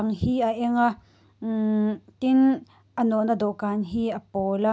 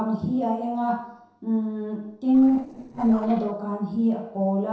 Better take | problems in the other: first | noise reduction (neural separator model SepFormer DNS4)

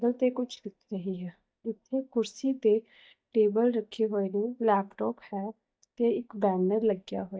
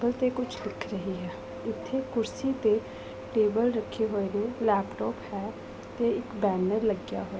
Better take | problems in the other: second | noise reduction (neural mask model DeepFilterNet 3)

